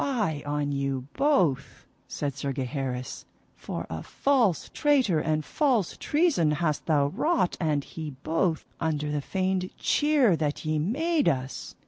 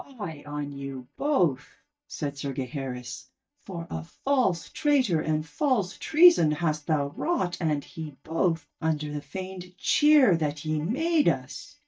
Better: first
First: none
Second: noise reduction (neural mask model DeepFilterNet 3)

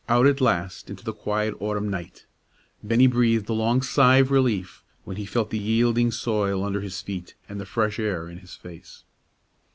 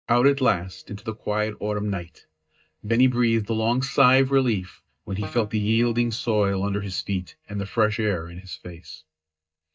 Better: first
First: none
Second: noise reduction (neural mask model DeepFilterNet 3)

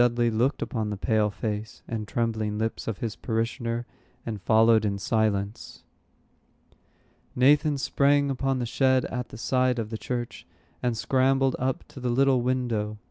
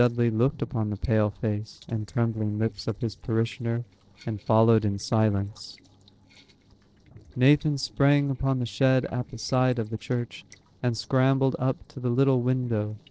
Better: first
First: none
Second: noise reduction (neural separator model SepFormer DNS4)

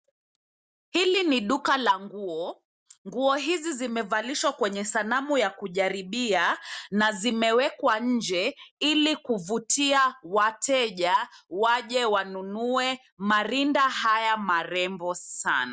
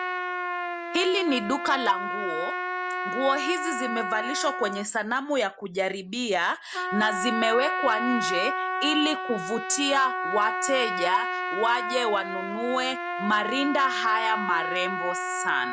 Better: first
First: none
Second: background sound (Trumpet); 3 dB below the speech

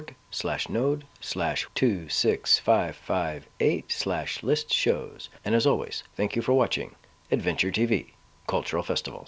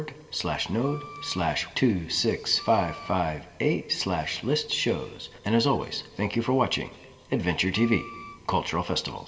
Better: first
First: none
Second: background sound (Wind instrument, woodwind instrument); 17 dB below the speech // room echo; dies away in 1.4 s

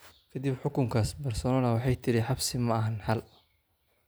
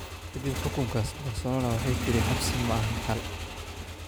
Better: first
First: none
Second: background sound (Motorcycle / Engine); 2 dB below the speech

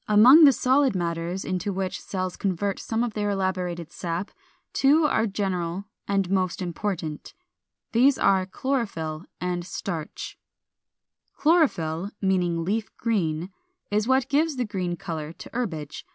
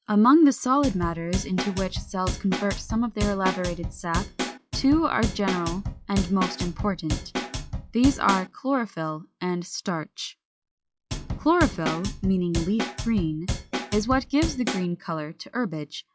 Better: first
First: none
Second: noise reduction (classical method log-MMSE)

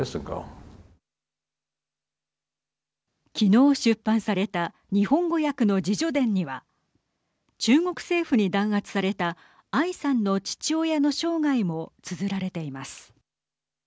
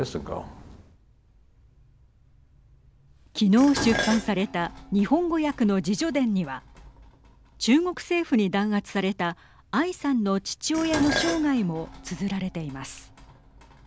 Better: first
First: none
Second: background sound (Dishes, pots, and pans); 12 dB below the speech

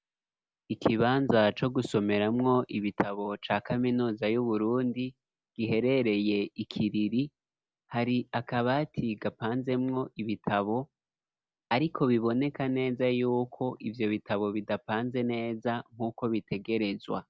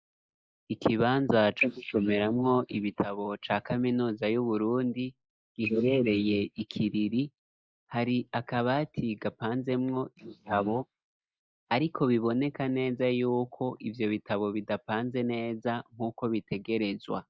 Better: first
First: none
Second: noise reduction (neural mask model Resemble Enhance denoiser)

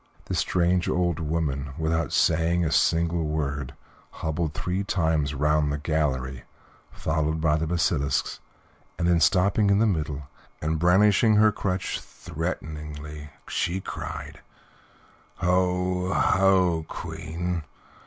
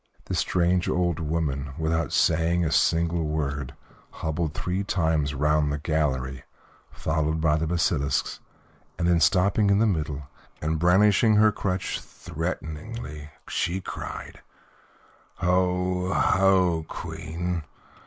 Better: first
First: none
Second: noise reduction (neural mask model Resemble Enhance denoiser)

